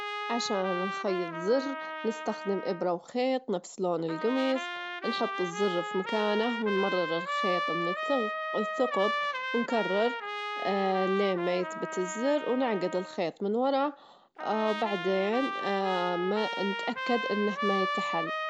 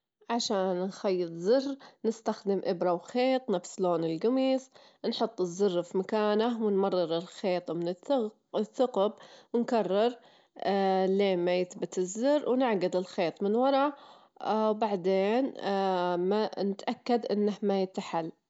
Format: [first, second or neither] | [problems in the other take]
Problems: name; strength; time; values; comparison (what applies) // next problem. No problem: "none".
second | background sound (Trumpet); 5 dB below the speech